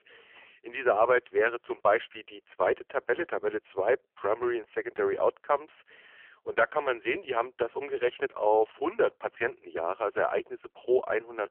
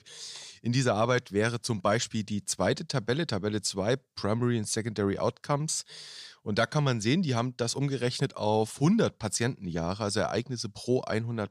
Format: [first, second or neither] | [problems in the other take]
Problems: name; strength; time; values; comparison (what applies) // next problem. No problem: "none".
second | phone-call audio; poor line; nothing above 3 kHz